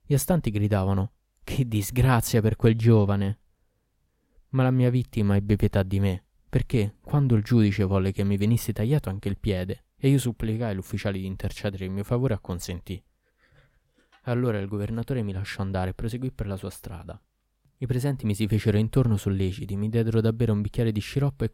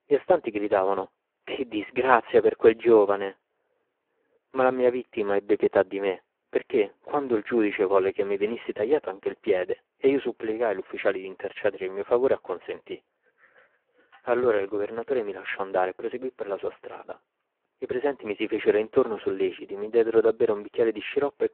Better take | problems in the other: first | phone-call audio; poor line

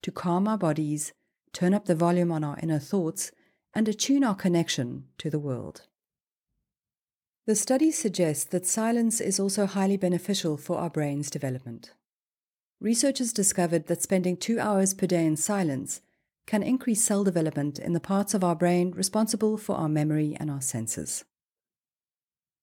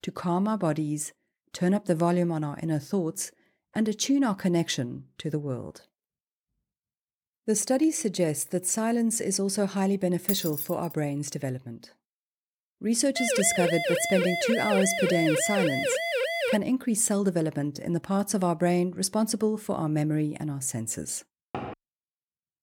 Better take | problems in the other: first | jangling keys; noticeable; at 10 s; peak 2 dB below the speech // siren; loud; from 13 to 17 s; peak 1 dB above the speech // door banging; faint; at 22 s; peak 10 dB below the speech

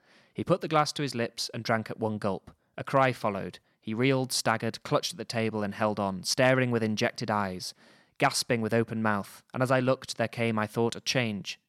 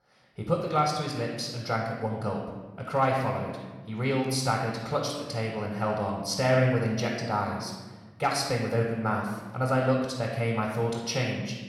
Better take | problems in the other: first | off-mic speech; somewhat distant // room echo; noticeable; dies away in 1.2 s

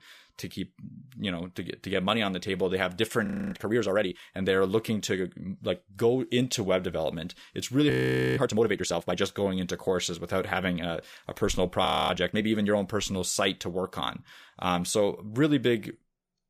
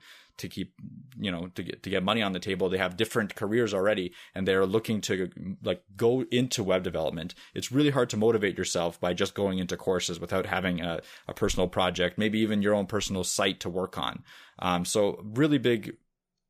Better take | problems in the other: second | audio freezing; at 3.5 s, at 8 s and at 12 s

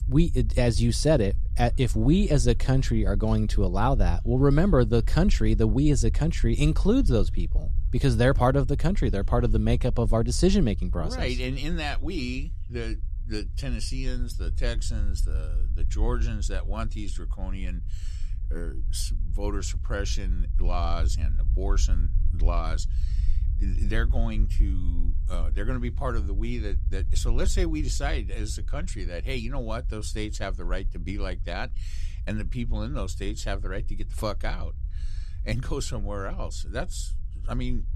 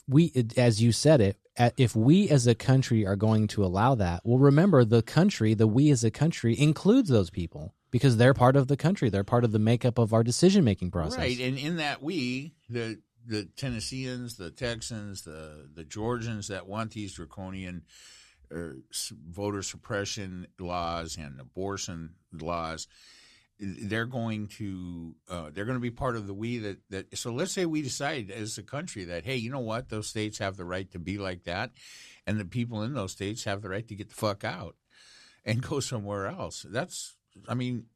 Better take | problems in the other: second | low rumble; faint; throughout; 20 dB below the speech

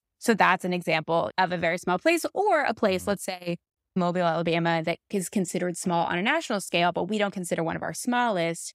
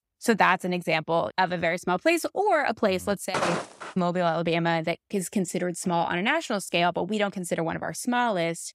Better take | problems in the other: first | footsteps; noticeable; at 3.5 s; peak 2 dB below the speech

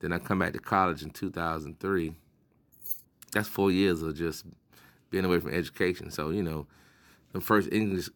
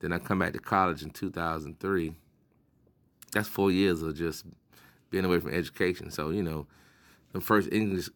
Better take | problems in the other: second | jangling keys; noticeable; at 3 s; peak 6 dB below the speech

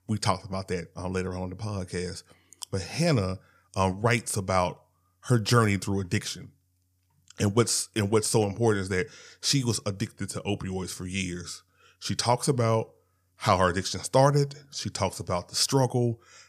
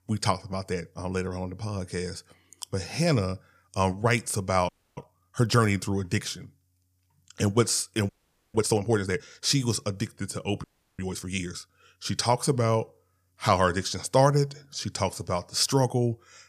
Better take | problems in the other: first | audio freezing; at 4.5 s, at 8 s and at 11 s

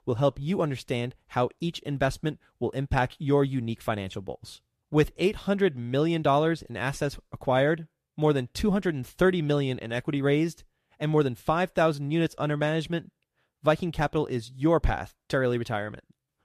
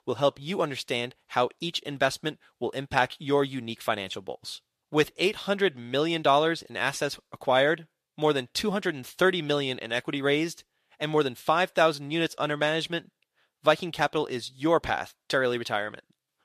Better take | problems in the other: first | thin; somewhat; fading below 600 Hz

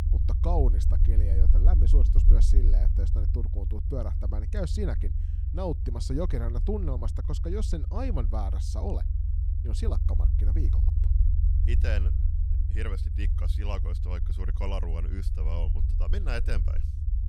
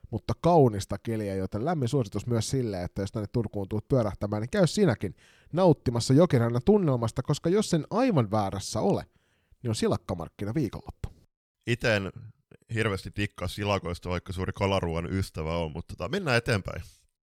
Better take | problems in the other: second | low rumble; loud; throughout; 7 dB below the speech

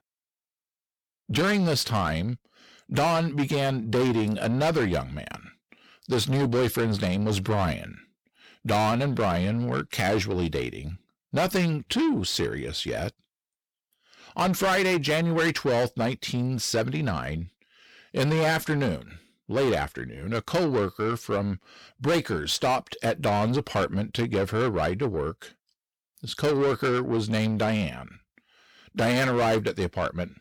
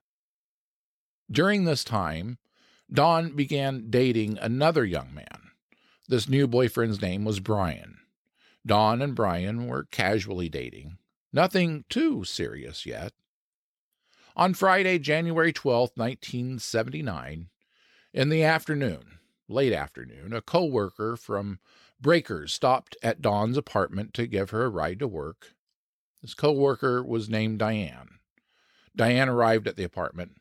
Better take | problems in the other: second | distortion; heavy; 7 dB below the speech

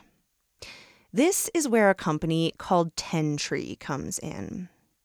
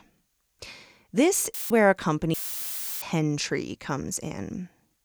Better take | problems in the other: first | audio cutting out; filled with static; at 1.5 s and at 2.5 s for 0.5 s

